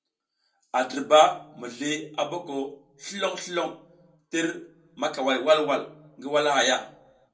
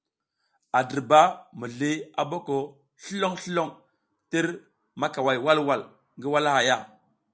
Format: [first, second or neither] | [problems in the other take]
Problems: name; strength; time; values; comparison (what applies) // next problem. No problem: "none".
second | room echo; dies away in 0.2 s